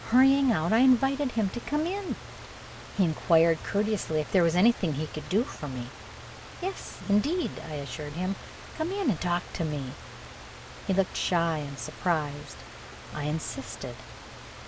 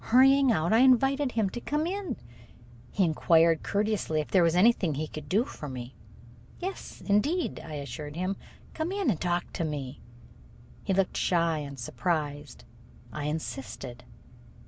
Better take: second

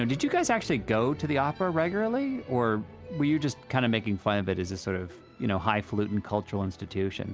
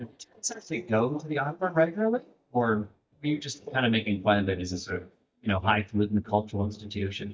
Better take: first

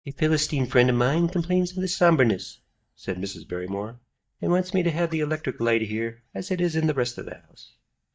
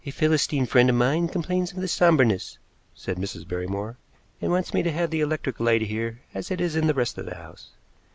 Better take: second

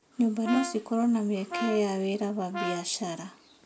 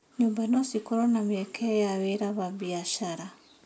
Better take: second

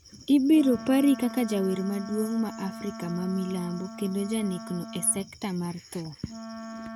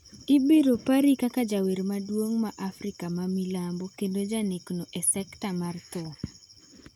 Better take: second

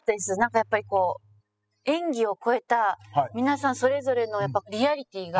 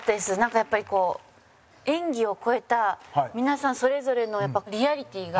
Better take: second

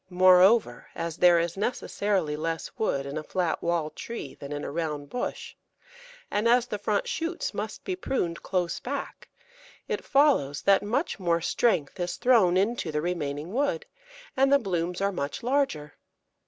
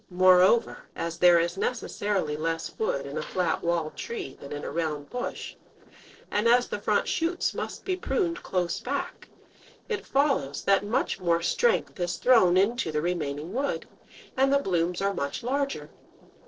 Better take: first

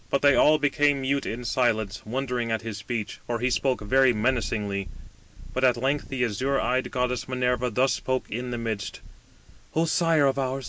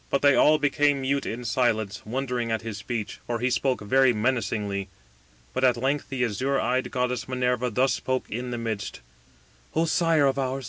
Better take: second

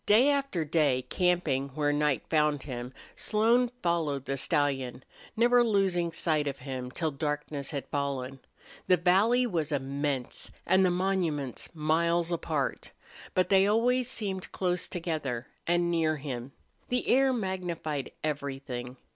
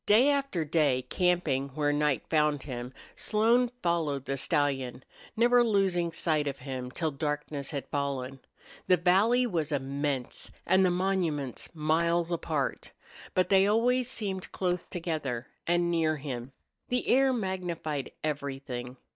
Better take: first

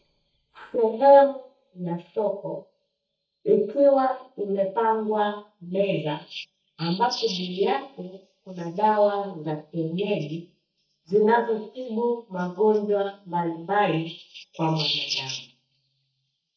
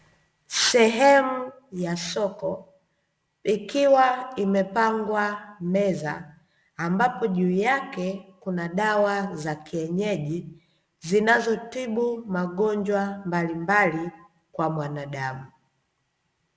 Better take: second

